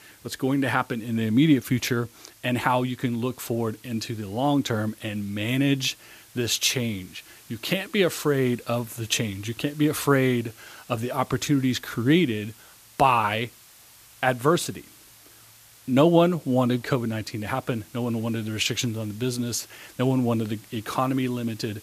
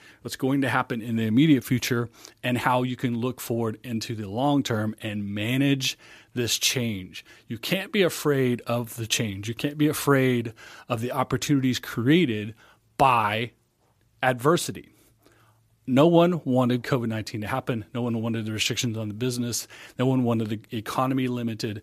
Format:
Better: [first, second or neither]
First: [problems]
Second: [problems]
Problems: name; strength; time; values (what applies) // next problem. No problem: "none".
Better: second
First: hiss; faint; throughout; 25 dB below the speech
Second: none